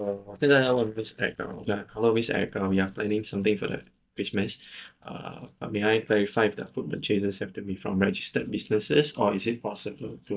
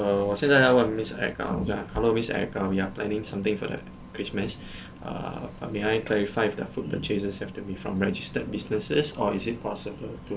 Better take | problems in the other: second | noise reduction (neural mask model DeepFilterNet 3)

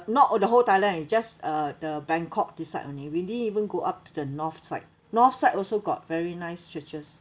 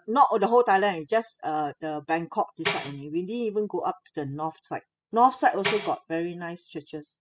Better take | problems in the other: first | noise reduction (classical method spectral subtraction)

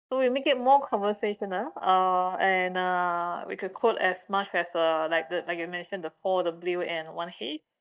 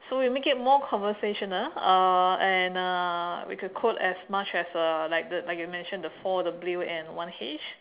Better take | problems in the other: second | noise reduction (neural mask model DeepFilterNet 3)

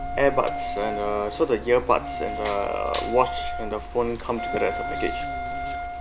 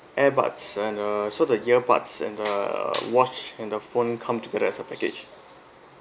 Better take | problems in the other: second | background sound (Insect + Wind instrument, woodwind instrument); 5 dB below the speech

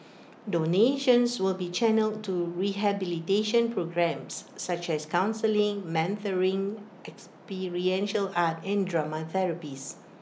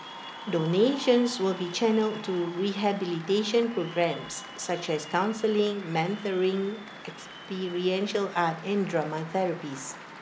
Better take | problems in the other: first | background sound (Applause / Cheering); 16 dB below the speech

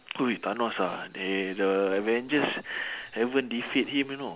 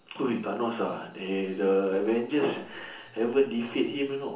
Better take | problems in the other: first | room echo; dies away in 0.8 s

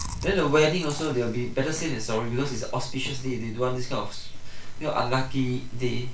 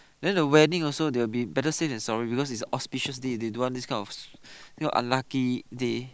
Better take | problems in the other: second | background sound (Chewing, mastication); 16 dB below the speech // room echo; dies away in 0.2 s

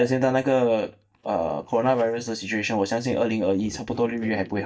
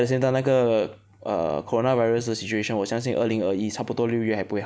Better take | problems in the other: second | noise reduction (neural mask model DeepFilterNet 3)

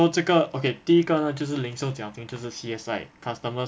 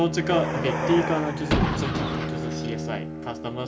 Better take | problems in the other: first | background sound (Car + Bowed string instrument); 1 dB above the speech

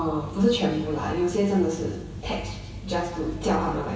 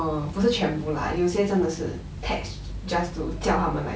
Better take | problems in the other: second | room echo; dies away in 2.3 s

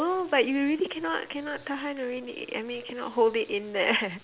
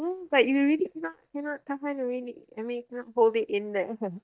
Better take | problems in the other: first | noise reduction (neural mask model DeepFilterNet 3)

